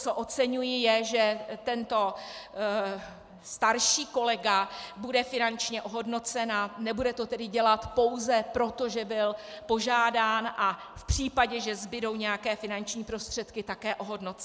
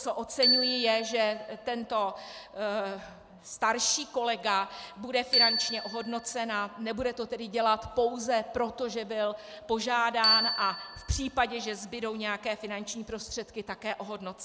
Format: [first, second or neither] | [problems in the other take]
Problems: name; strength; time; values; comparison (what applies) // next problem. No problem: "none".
first | background sound (Bicycle bell); 5 dB below the speech